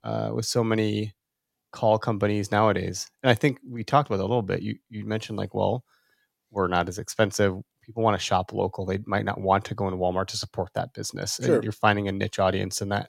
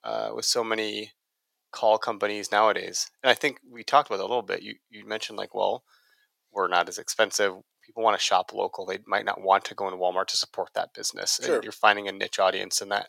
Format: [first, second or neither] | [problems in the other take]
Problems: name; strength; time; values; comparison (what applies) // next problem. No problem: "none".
first | thin; very; fading below 550 Hz